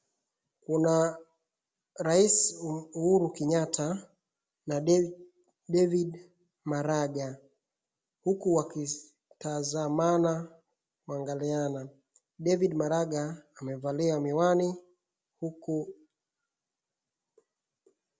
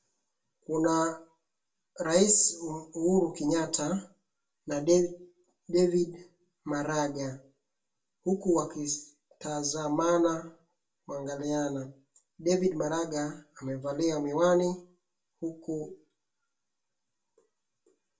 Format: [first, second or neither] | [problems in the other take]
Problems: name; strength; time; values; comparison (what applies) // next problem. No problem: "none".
first | room echo; dies away in 0.2 s